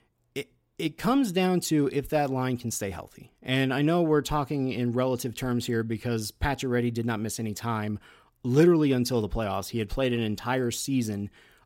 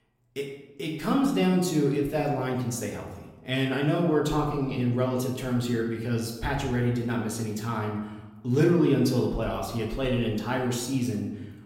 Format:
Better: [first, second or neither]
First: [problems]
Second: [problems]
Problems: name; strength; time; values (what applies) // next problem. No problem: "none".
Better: first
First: none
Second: room echo; noticeable; dies away in 0.8 s // off-mic speech; somewhat distant